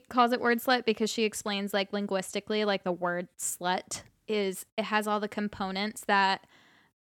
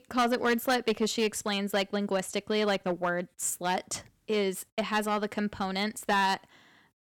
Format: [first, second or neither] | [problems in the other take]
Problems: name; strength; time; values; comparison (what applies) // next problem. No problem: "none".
first | distortion; slight; 4% of the sound clipped